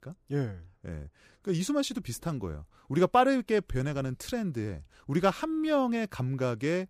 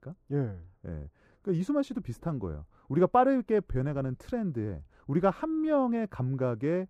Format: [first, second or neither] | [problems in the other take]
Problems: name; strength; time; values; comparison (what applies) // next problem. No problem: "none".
first | muffled; very; fading above 2 kHz